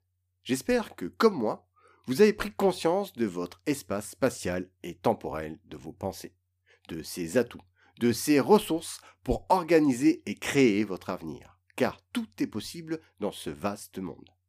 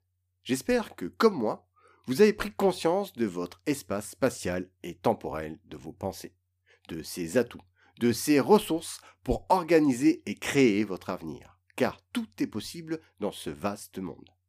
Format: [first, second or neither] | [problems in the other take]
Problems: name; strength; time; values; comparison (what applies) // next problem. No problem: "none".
neither | none